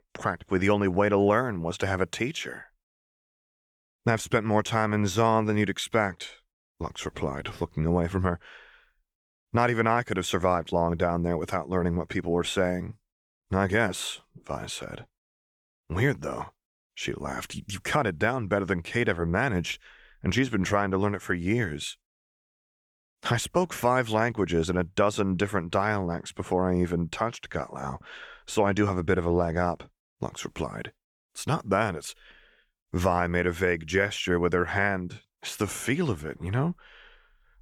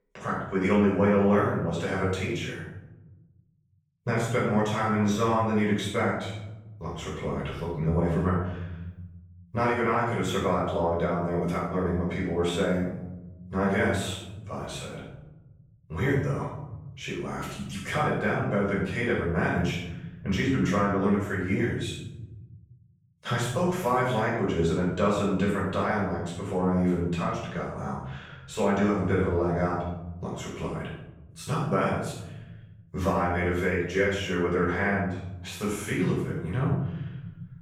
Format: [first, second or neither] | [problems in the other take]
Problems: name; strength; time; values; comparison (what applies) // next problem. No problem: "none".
first | room echo; noticeable; dies away in 1.1 s // off-mic speech; far